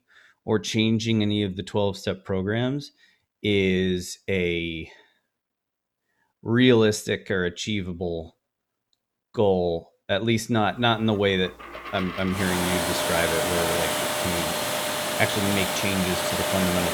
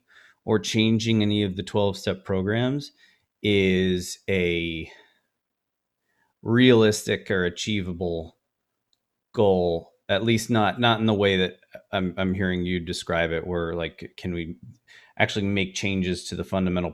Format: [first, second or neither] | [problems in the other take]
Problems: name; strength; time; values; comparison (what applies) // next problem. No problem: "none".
second | household noises; very faint; from 11 s on; 1 dB below the speech